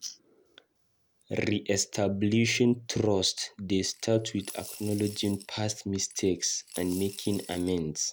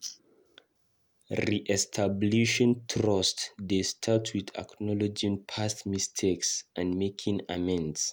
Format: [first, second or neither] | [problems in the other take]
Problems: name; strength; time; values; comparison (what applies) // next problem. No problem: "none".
second | background sound (Coin (dropping) / Glass); 17 dB below the speech